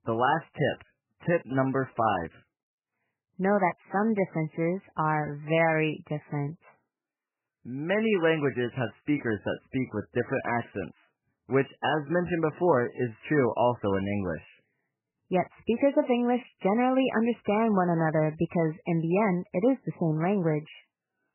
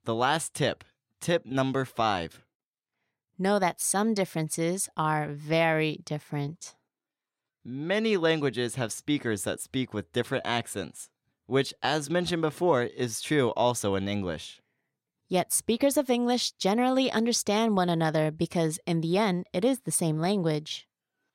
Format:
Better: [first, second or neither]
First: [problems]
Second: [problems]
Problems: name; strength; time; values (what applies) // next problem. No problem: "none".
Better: second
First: garbled, watery; badly; nothing above 3 kHz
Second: none